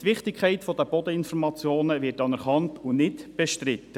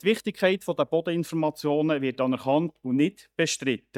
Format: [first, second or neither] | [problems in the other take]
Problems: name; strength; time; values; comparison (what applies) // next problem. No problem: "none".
first | noise reduction (neural mask model DeepFilterNet 3)